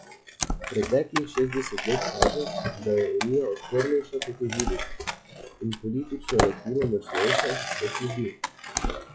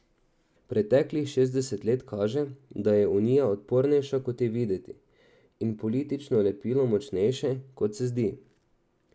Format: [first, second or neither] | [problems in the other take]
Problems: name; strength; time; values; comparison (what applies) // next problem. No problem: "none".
second | noise reduction (classical method log-MMSE)